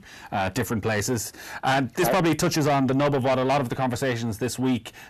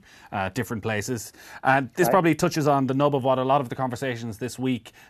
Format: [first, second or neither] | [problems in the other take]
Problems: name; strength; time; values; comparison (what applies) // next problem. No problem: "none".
second | distortion; heavy; 6 dB below the speech